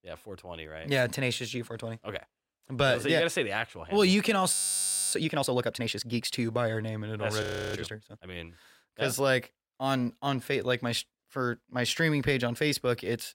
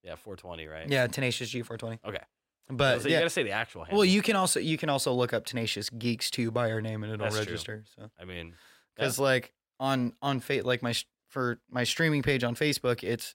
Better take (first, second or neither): second